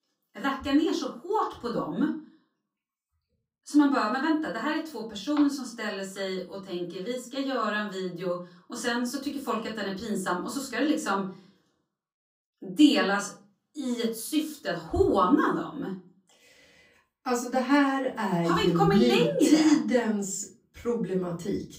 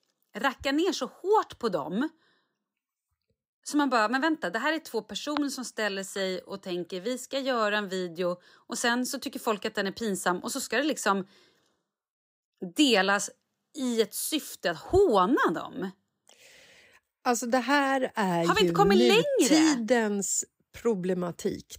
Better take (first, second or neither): second